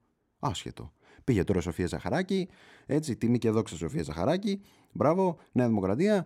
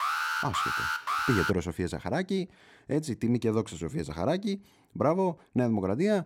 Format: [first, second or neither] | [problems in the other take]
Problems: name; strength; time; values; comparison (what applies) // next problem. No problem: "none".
first | alarm; loud; until 1.5 s; peak 2 dB above the speech